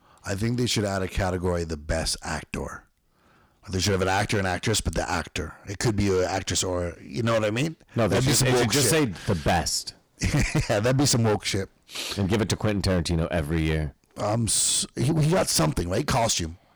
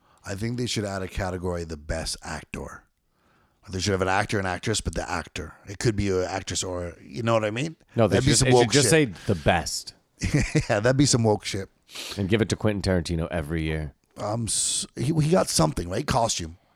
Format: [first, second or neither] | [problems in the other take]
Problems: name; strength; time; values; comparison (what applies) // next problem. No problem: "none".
second | distortion; heavy; 11% of the sound clipped